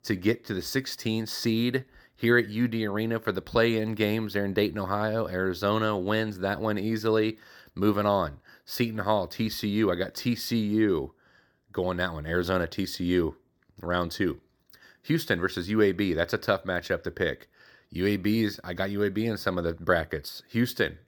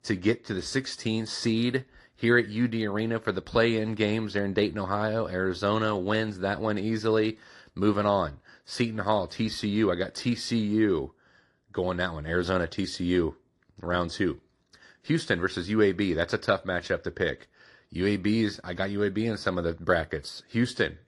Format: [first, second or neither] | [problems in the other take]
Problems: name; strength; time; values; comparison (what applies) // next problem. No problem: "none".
first | garbled, watery; slightly; nothing above 11.5 kHz